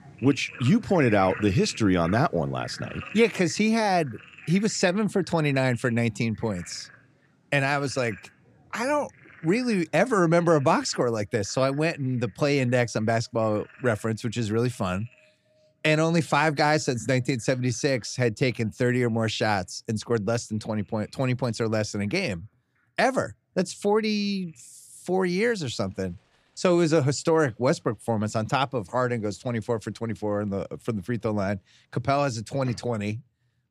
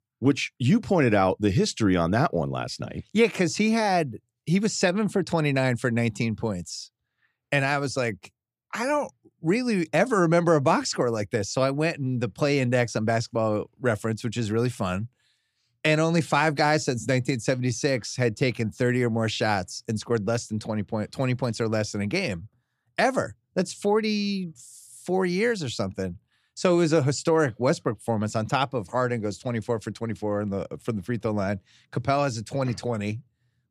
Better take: second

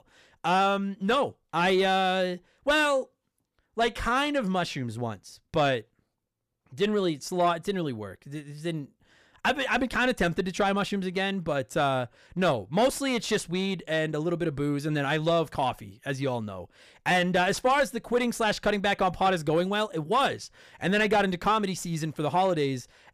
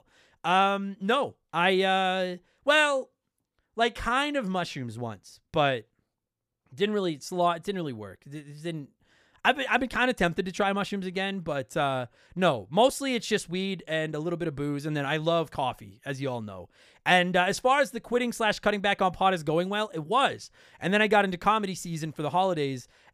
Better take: second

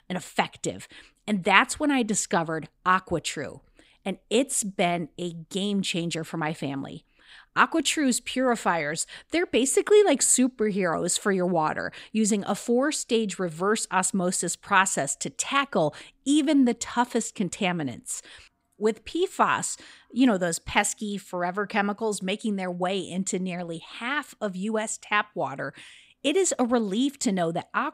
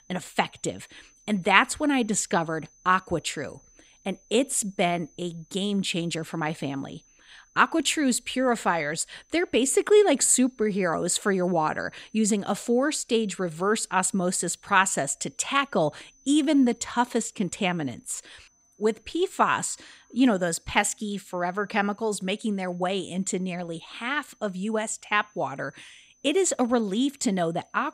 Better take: first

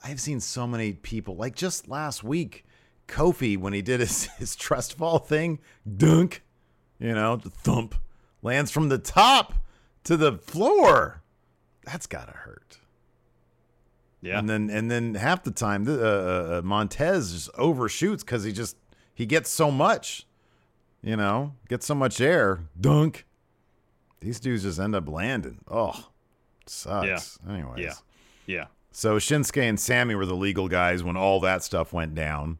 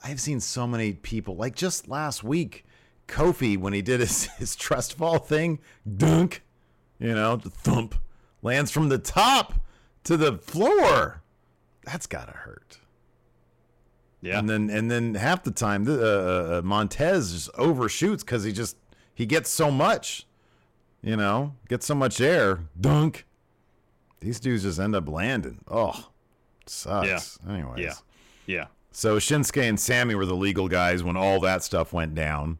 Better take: first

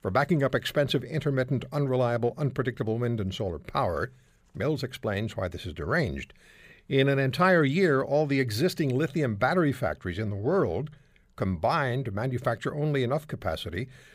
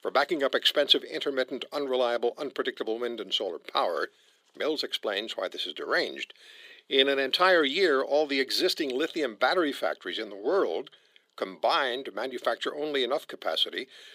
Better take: first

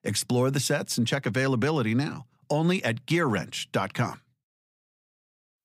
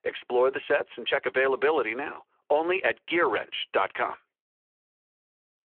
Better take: first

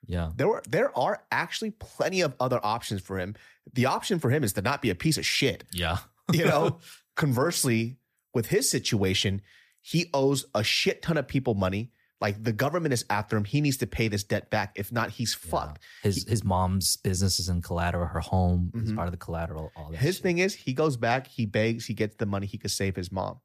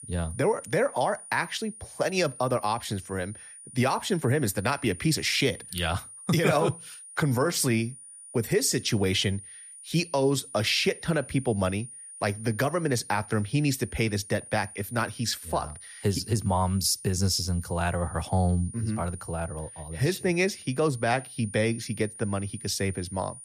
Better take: first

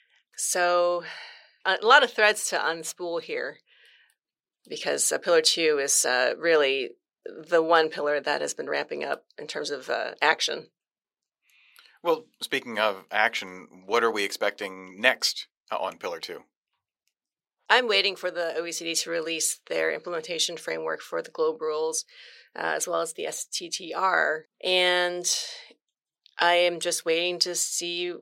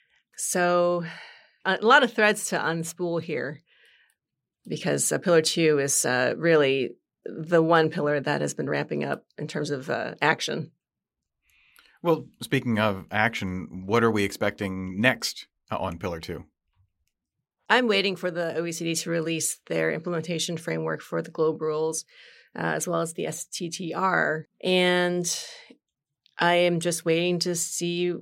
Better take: second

